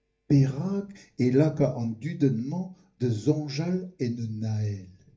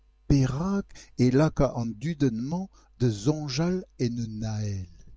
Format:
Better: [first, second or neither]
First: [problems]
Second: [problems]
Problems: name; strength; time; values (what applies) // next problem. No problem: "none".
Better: second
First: room echo; dies away in 0.3 s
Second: none